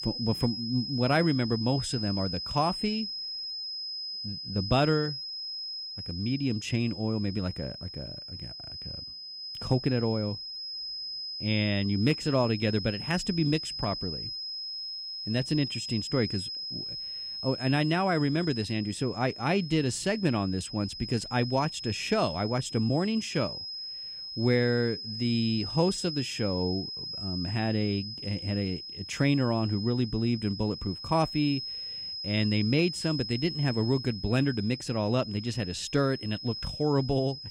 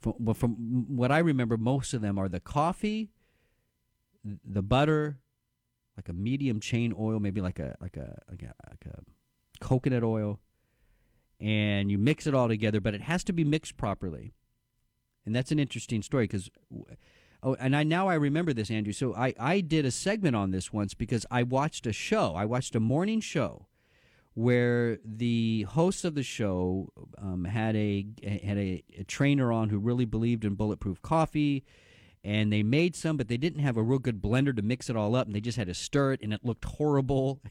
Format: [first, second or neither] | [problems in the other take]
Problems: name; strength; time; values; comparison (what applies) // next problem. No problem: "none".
second | high-pitched whine; loud; throughout; 5 kHz, 7 dB below the speech